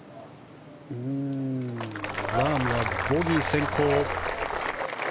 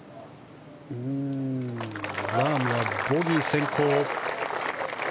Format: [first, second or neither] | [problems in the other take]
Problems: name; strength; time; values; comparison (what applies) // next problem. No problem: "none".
second | background sound (Livestock, farm animals, working animals); 11 dB below the speech